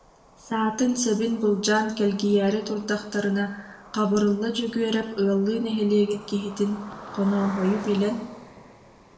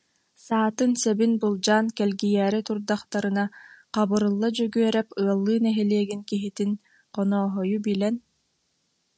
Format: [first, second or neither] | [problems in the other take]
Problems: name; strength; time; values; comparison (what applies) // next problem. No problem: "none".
second | background sound (Cricket); 18 dB below the speech // room echo; dies away in 0.7 s